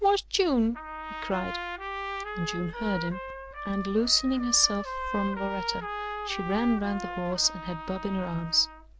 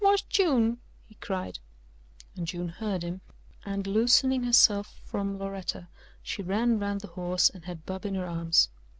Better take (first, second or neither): second